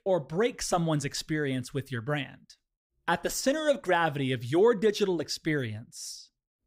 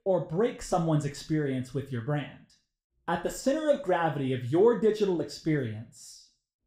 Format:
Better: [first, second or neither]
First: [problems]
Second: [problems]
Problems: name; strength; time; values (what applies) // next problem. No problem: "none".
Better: first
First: none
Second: room echo; slight; dies away in 0.4 s